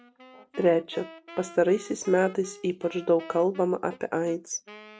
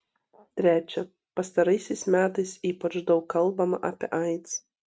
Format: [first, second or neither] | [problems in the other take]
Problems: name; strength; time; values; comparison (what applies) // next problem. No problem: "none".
second | background sound (Wind instrument, woodwind instrument); 20 dB below the speech